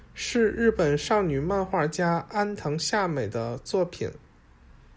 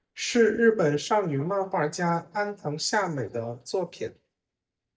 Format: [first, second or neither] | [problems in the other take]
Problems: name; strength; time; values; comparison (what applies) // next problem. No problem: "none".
first | noise reduction (neural mask model DeepFilterNet 3)